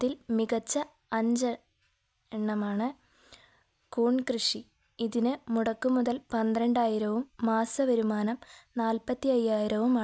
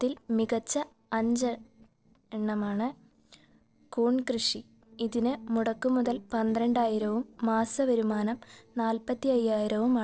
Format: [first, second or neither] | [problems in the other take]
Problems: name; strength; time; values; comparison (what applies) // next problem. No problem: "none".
first | noise reduction (neural separator model SepFormer DNS4)